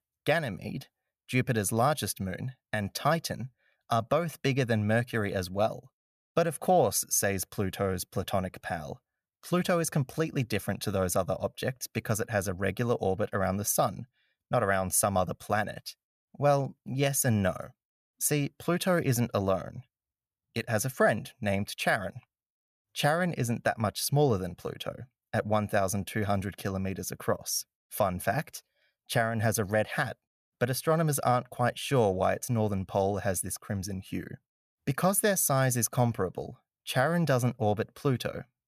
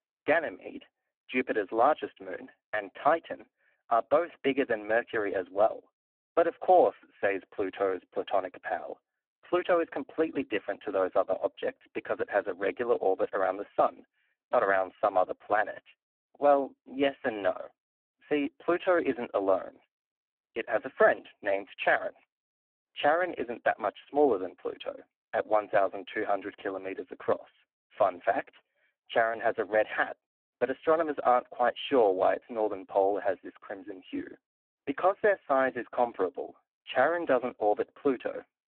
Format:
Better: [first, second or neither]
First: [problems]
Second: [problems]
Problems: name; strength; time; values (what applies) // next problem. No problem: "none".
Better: first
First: none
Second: phone-call audio; poor line